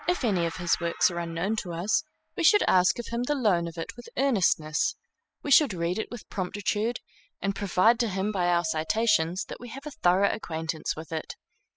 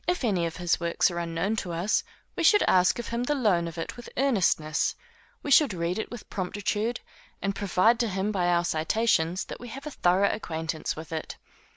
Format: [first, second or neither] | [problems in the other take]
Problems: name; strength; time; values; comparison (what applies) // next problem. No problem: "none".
second | noise reduction (classical method spectral subtraction)